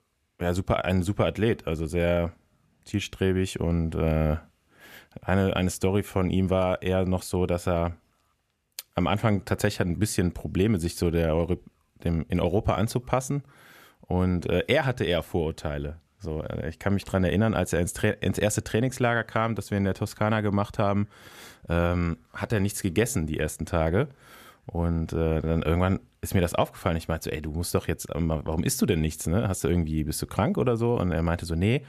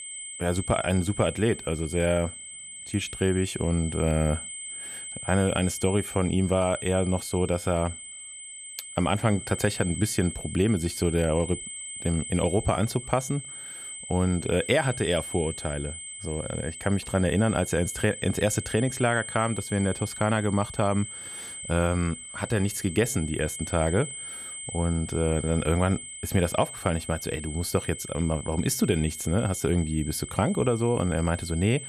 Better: first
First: none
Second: high-pitched whine; loud; throughout; 8 kHz, 9 dB below the speech

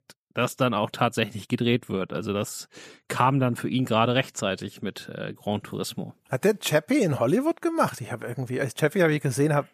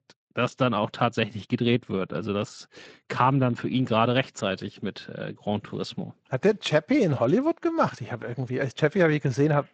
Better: first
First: none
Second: garbled, watery; slightly; nothing above 7.5 kHz

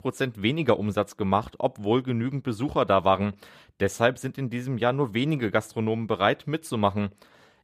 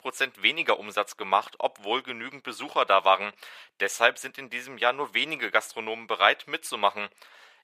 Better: first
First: none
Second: thin; very; fading below 750 Hz

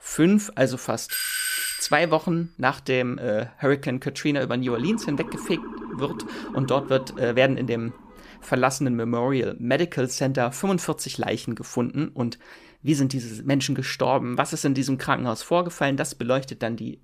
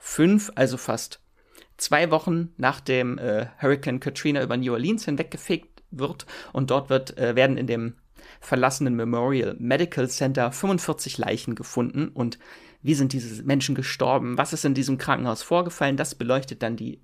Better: second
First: doorbell; loud; at 1 s; peak 1 dB above the speech // siren; faint; from 4.5 to 8.5 s; peak 10 dB below the speech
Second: none

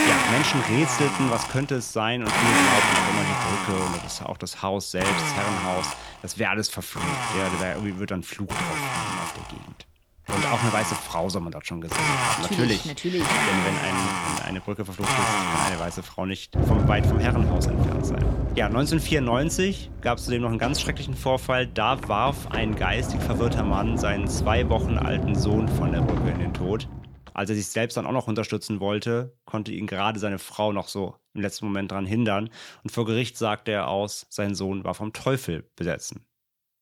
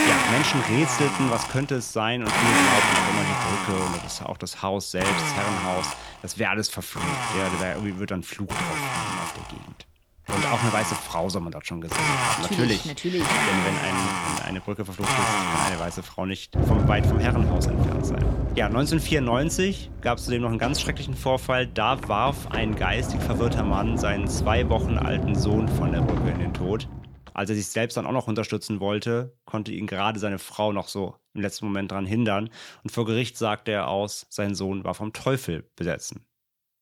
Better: neither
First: household noises; very loud; until 27 s; 2 dB above the speech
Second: household noises; very loud; until 27 s; 2 dB above the speech

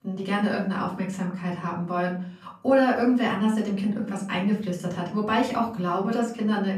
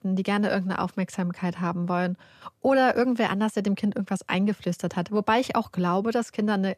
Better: second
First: off-mic speech; far // room echo; slight; dies away in 0.4 s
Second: none

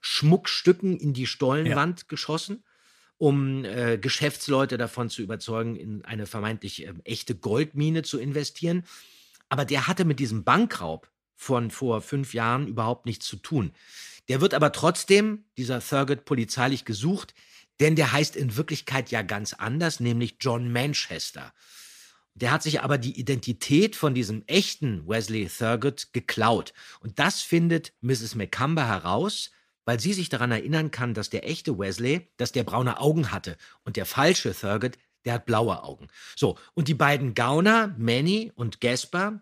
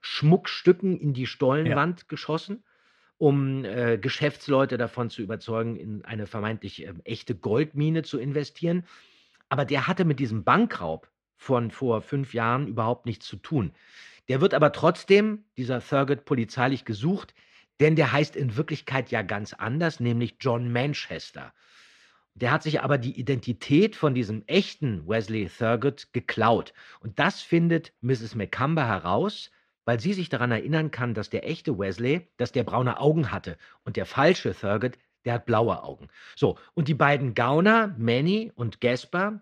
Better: first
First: none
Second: muffled; slightly; fading above 3 kHz

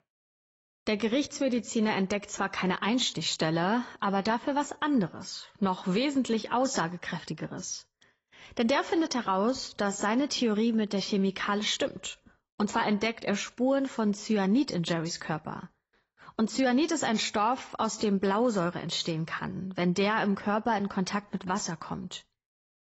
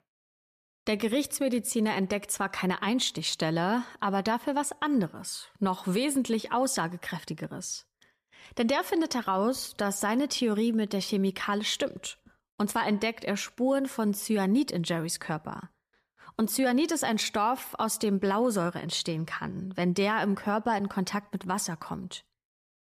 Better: second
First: garbled, watery; badly; nothing above 7.5 kHz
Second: none

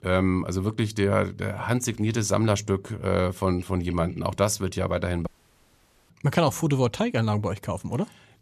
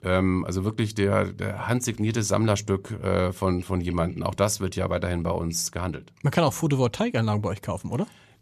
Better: second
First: audio cutting out; at 5.5 s for 1 s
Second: none

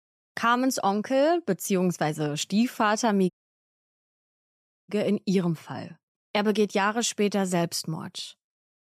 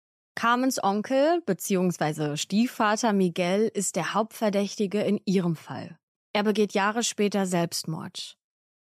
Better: second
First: audio cutting out; at 3.5 s for 1.5 s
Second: none

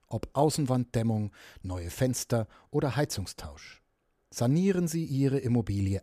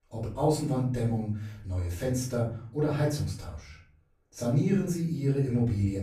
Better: first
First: none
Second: off-mic speech; far // room echo; noticeable; dies away in 0.6 s

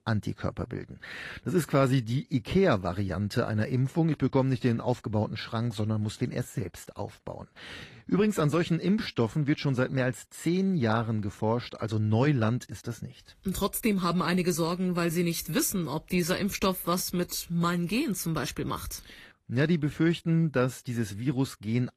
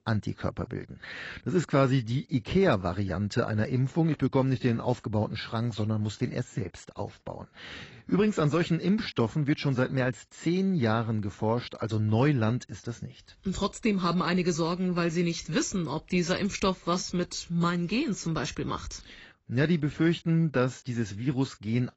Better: first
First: garbled, watery; slightly; nothing above 15 kHz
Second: garbled, watery; badly; nothing above 7.5 kHz

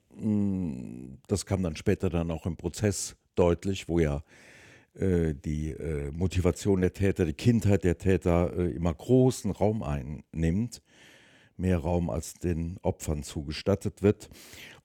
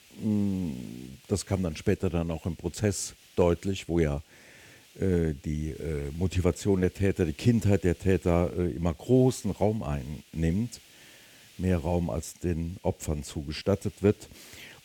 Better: first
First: none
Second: hiss; faint; throughout; 25 dB below the speech

